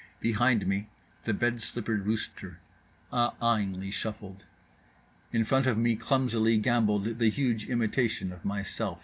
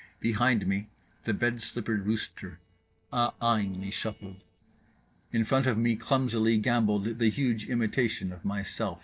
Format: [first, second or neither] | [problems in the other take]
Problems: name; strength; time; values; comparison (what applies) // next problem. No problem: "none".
first | noise reduction (neural separator model SepFormer DNS4)